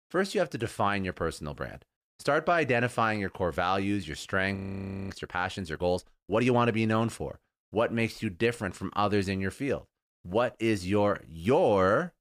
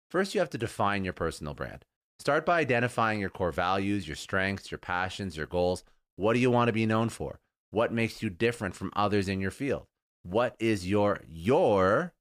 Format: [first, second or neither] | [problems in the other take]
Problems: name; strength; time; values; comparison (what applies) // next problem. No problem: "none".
second | audio freezing; at 4.5 s for 0.5 s